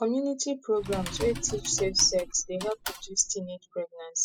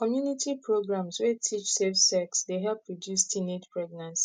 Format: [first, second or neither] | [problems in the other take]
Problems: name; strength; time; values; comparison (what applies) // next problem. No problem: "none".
second | noise reduction (classical method spectral subtraction)